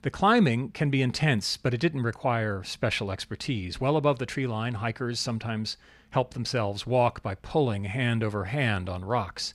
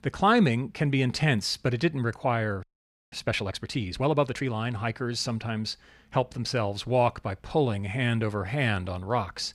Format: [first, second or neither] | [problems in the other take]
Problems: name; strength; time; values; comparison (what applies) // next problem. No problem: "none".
first | audio freezing; at 2.5 s